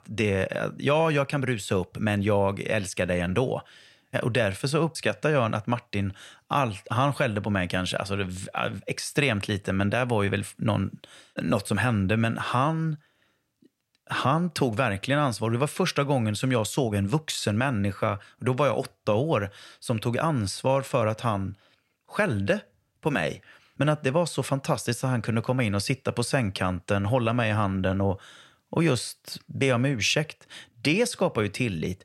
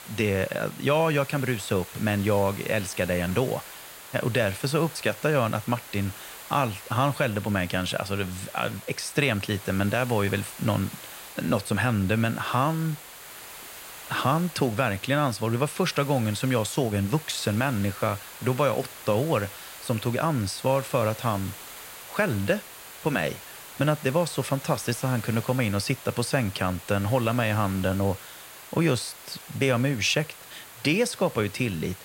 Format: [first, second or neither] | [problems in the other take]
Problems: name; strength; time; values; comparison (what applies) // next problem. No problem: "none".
first | hiss; noticeable; throughout; 15 dB below the speech